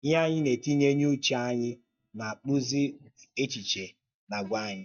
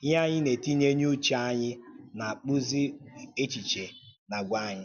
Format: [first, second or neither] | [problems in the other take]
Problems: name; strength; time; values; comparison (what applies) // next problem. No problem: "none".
second | noise reduction (neural mask model DeepFilterNet 3)